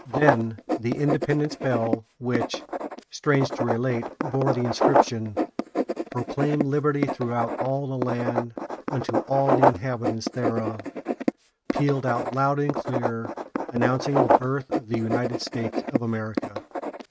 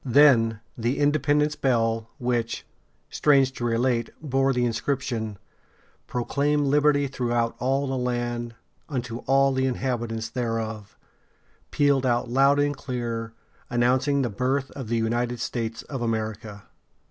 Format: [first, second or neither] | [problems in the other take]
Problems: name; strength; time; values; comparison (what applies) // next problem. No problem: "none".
second | noise reduction (neural mask model RNNoise)